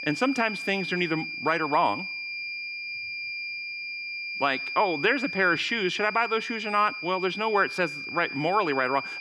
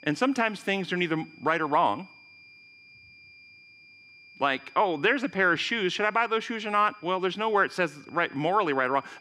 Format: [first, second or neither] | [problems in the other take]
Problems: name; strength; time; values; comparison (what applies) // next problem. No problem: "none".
second | high-pitched whine; loud; throughout; 2.5 kHz, 6 dB below the speech; faint in the second